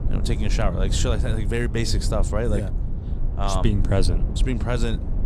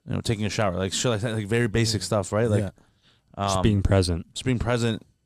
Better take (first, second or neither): second